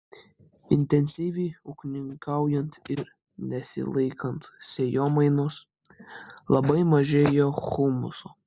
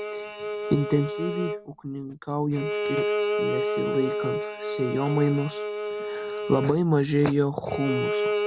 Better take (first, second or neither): first